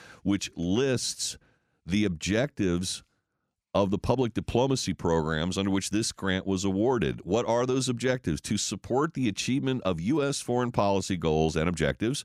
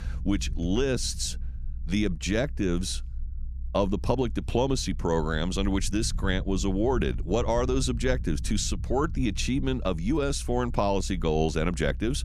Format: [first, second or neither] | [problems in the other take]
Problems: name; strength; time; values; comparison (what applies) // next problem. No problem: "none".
first | low rumble; faint; throughout; 25 dB below the speech